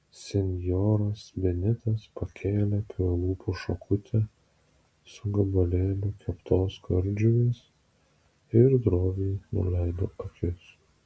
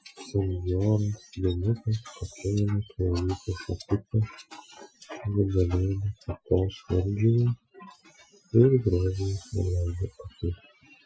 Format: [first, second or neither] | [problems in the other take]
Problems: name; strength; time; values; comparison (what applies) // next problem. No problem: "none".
first | noise reduction (classical method Wiener filter)